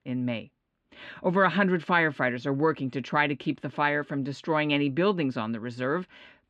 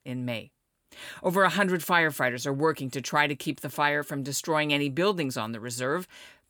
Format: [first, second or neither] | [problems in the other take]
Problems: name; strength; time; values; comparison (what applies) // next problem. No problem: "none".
second | muffled; slightly; fading above 3 kHz